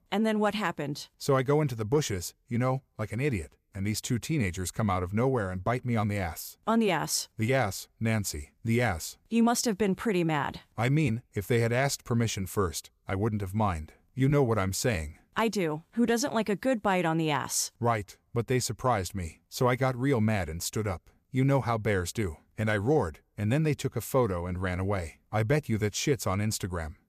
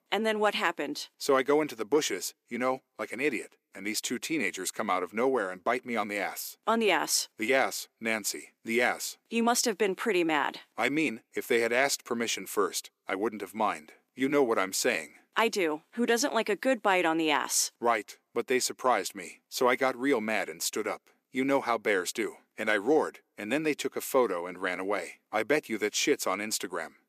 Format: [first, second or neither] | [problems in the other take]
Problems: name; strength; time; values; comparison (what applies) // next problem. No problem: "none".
first | thin; somewhat; fading below 300 Hz